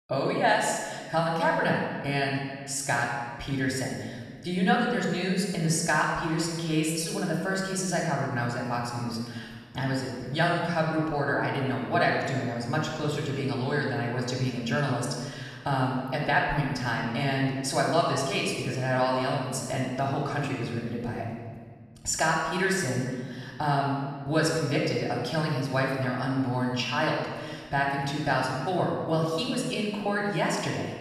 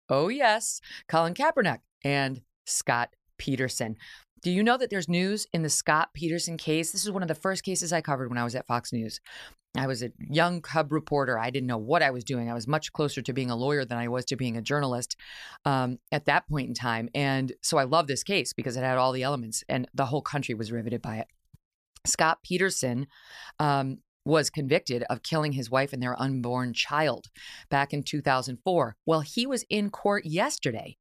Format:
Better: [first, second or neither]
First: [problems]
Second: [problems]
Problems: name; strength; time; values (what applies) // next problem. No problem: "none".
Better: second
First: off-mic speech; far // room echo; noticeable; dies away in 1.5 s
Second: none